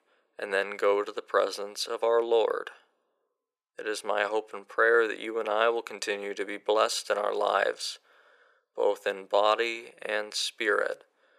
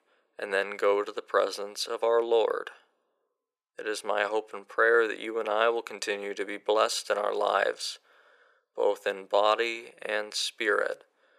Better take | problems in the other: neither | thin; very; fading below 450 Hz; the same in both

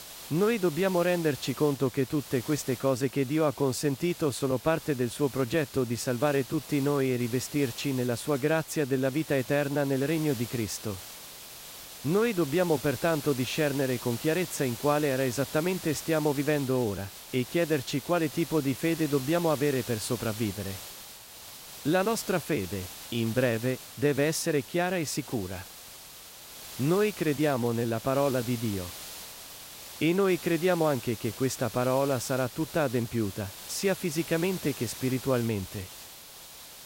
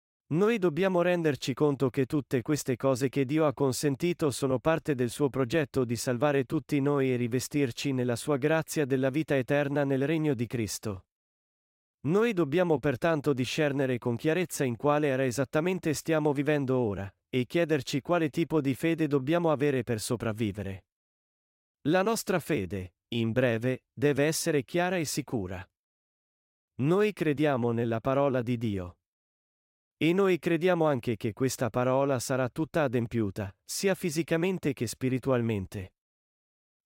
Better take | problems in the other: second | hiss; noticeable; throughout; 15 dB below the speech

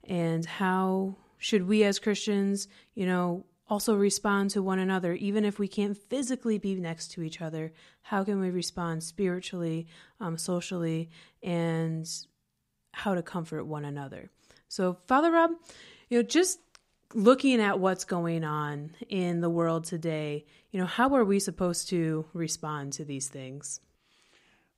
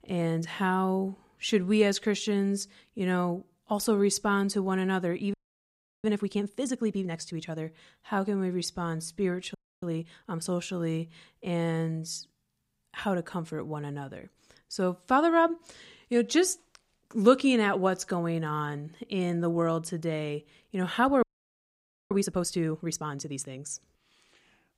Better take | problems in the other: first | audio freezing; at 5.5 s for 0.5 s, at 9.5 s and at 21 s for 1 s

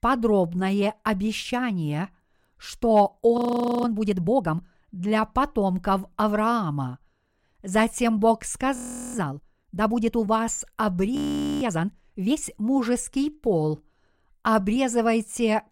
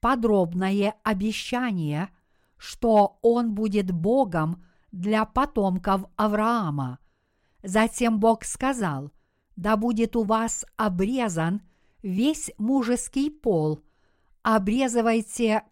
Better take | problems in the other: second | audio freezing; at 3.5 s, at 9 s and at 11 s

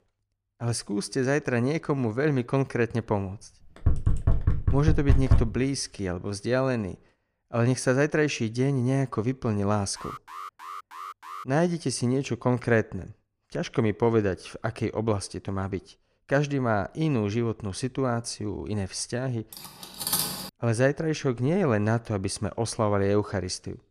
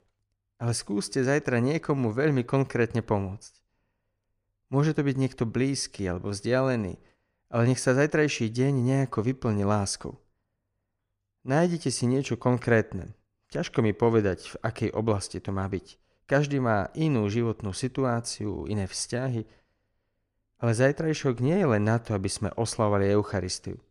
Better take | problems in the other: second | door banging; loud; from 4 to 5.5 s; peak 4 dB above the speech // alarm; faint; from 10 to 11 s; peak 10 dB below the speech // clattering dishes; loud; at 20 s; peak 2 dB above the speech

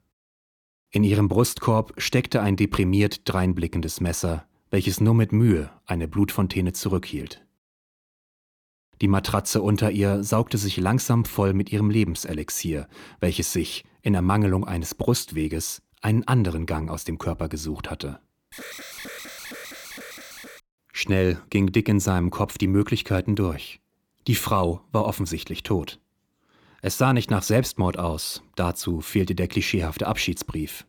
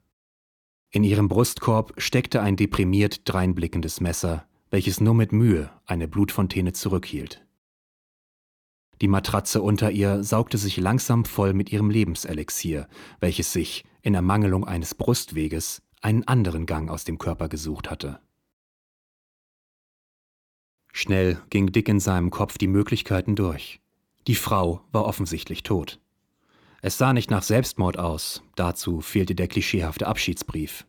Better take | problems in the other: second | alarm; faint; from 19 to 21 s; peak 10 dB below the speech

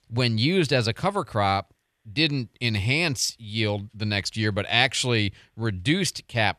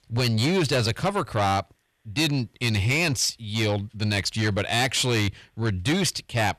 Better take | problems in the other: first | distortion; heavy; 8 dB below the speech

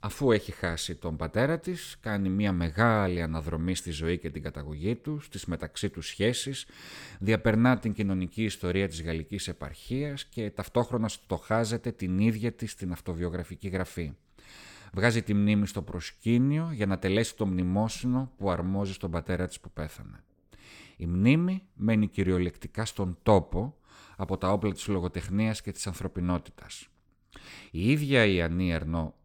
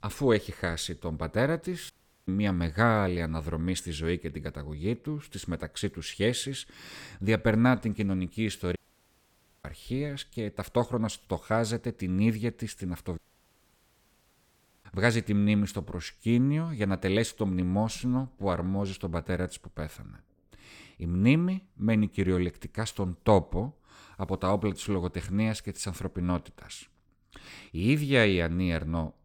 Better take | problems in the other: first | audio cutting out; at 2 s, at 9 s for 1 s and at 13 s for 1.5 s

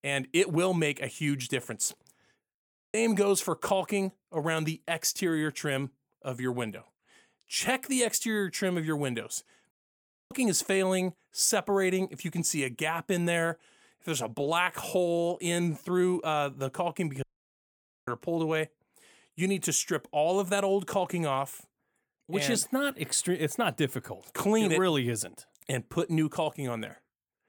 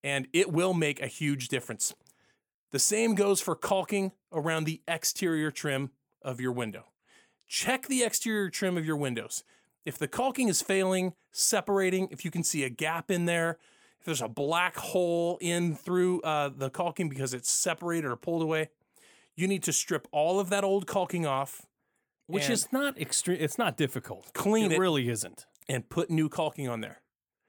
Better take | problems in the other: second | audio cutting out; at 2.5 s, at 9.5 s for 0.5 s and at 17 s for 1 s

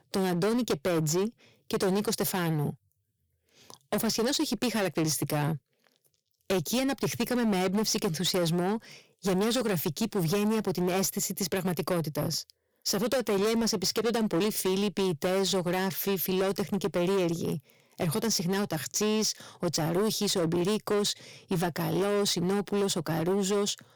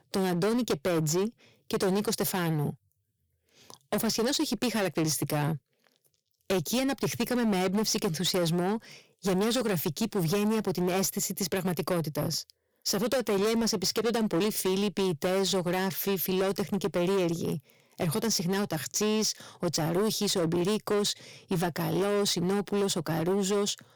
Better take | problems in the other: neither | distortion; heavy; 17% of the sound clipped; the same in both

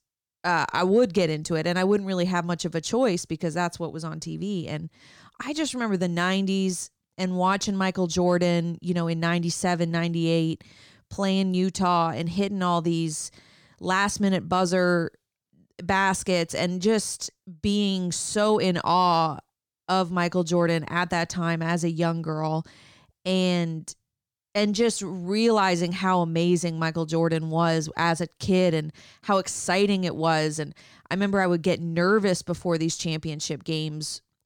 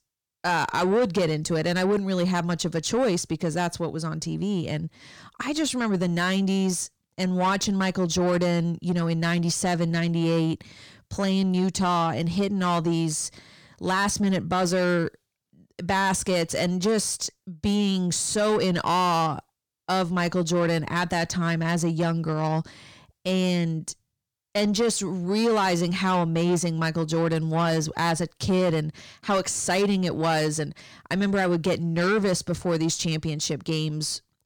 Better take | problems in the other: first | distortion; slight; 10 dB below the speech

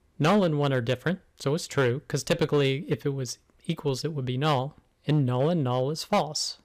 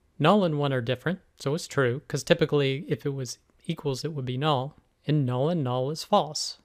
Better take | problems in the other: second | distortion; slight; 4% of the sound clipped

